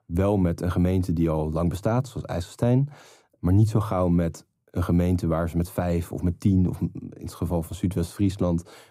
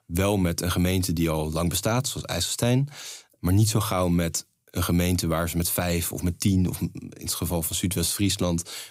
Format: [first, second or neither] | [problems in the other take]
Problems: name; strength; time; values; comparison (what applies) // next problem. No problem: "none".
second | muffled; very; fading above 2 kHz